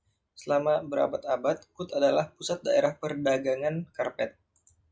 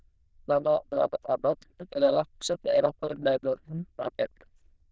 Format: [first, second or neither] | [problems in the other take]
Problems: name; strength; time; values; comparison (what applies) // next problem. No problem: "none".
first | noise reduction (neural diffusion model UNIVERSE++)